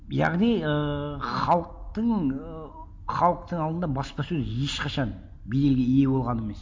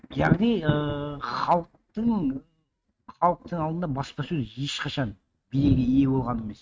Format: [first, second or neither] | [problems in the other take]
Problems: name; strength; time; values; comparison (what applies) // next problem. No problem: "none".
first | noise reduction (neural mask model RNNoise)